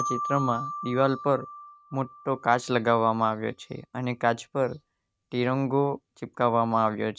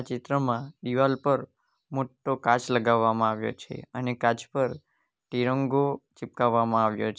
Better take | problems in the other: second | noise reduction (neural mask model RNNoise)

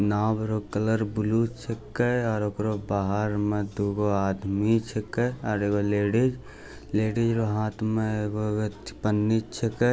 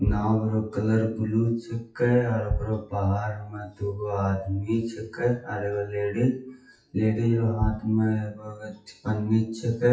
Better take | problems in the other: first | noise reduction (classical method WPE with log-MMSE)

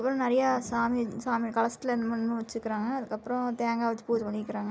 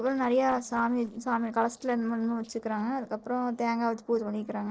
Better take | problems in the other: first | noise reduction (neural separator model SepFormer DNS4)

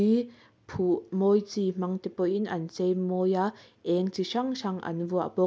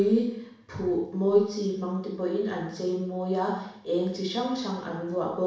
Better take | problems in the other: first | room echo; dies away in 0.7 s

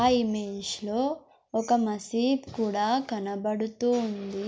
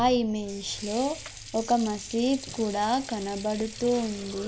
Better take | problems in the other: first | background sound (Sink (filling or washing) / Water); 14 dB below the speech

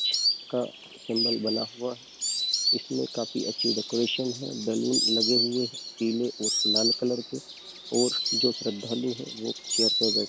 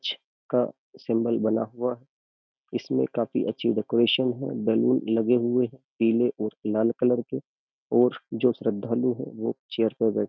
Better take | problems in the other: second | background sound (Insect); as loud as the speech

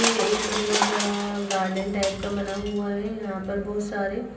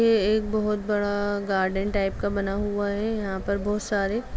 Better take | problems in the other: second | background sound (Crushing); 4 dB below the speech // room echo; dies away in 0.6 s

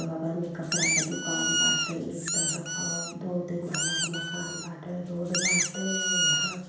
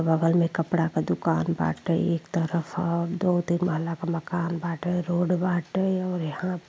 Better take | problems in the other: second | background sound (Squeak); 4 dB above the speech // room echo; dies away in 0.9 s

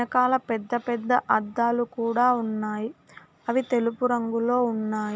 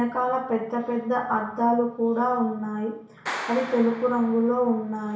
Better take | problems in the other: first | background sound (Clapping); 16 dB below the speech // room echo; dies away in 0.6 s

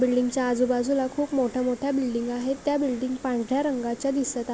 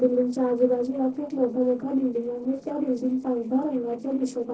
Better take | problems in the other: first | noise reduction (neural separator model SepFormer DNS4)

